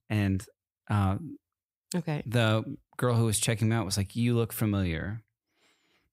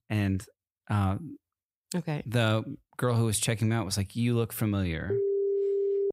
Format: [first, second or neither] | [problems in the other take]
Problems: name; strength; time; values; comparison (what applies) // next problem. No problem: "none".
first | phone ringing; loud; from 5 s on; peak 2 dB above the speech